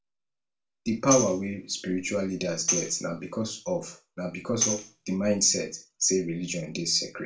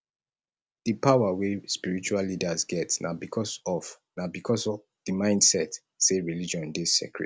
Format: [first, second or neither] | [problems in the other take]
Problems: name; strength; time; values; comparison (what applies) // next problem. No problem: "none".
second | background sound (Tambourine); 5 dB below the speech // room echo; dies away in 0.3 s